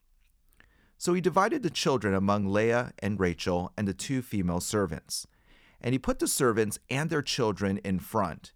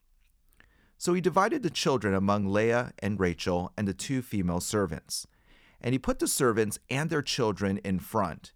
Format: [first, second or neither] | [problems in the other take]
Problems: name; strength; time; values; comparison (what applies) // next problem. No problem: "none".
neither | none